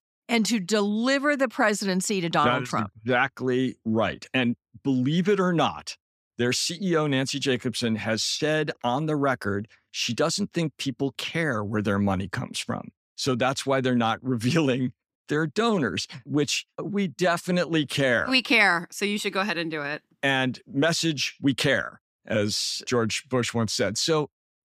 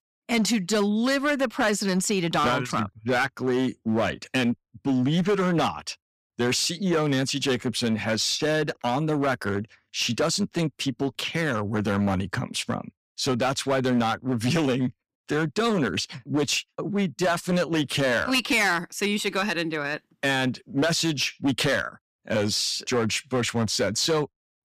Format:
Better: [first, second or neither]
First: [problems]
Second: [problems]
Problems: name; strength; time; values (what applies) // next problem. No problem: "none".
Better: first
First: none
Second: distortion; slight; 8% of the sound clipped